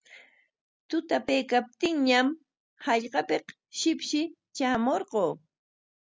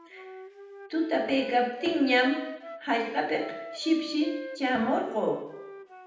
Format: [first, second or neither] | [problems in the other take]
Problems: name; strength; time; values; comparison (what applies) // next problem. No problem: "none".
first | background sound (Wind instrument, woodwind instrument); 14 dB below the speech // room echo; dies away in 0.8 s